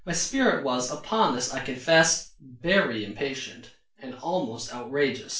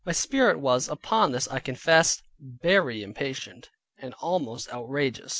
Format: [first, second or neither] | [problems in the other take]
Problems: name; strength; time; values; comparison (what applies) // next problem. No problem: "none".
second | room echo; dies away in 0.3 s